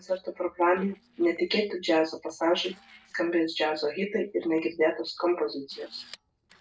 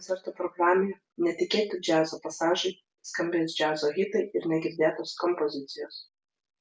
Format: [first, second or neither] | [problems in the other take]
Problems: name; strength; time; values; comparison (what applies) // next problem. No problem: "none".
second | noise reduction (neural separator model SepFormer DNS4)